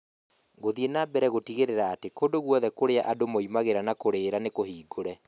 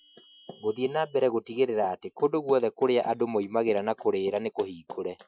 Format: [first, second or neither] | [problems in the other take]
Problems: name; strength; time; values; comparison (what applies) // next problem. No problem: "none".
first | noise reduction (classical method Wiener filter)